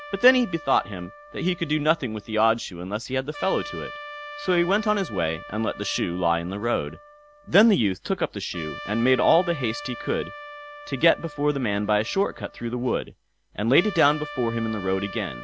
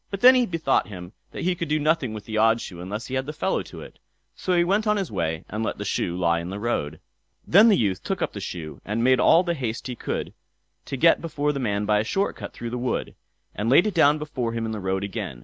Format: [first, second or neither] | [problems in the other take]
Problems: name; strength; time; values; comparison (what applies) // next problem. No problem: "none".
second | background sound (Trumpet); 15 dB below the speech